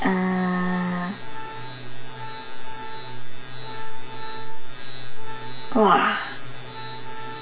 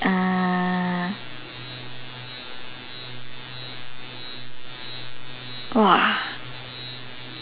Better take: second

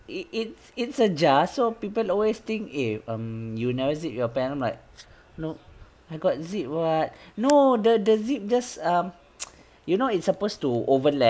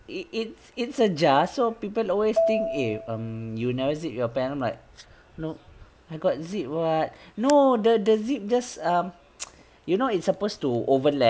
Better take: first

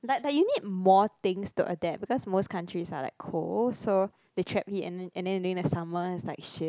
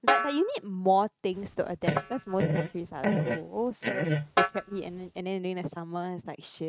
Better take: first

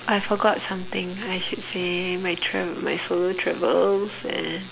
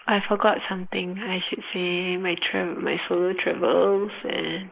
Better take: first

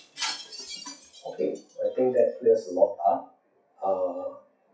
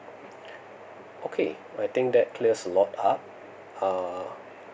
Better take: second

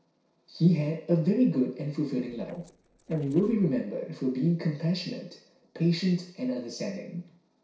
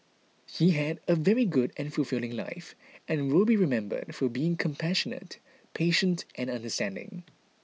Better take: second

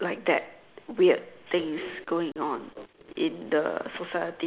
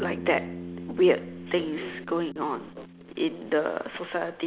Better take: first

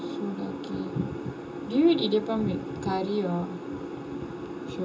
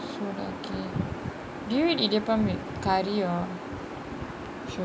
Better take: second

